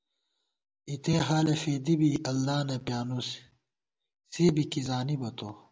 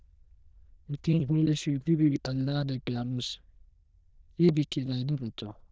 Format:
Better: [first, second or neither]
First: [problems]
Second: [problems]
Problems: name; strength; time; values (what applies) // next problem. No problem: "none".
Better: first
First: none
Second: noise reduction (neural diffusion model UNIVERSE++)